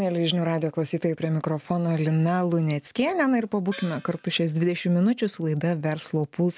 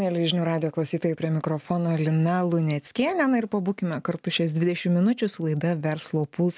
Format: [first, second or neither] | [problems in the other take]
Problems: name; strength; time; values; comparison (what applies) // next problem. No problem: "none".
second | background sound (Gong); 20 dB below the speech